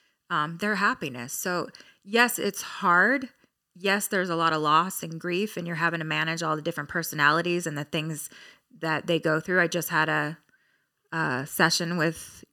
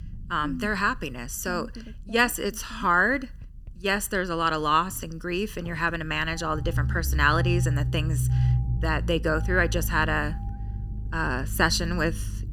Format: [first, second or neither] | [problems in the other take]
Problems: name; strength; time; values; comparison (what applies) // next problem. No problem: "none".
first | low rumble; noticeable; throughout; 20 dB below the speech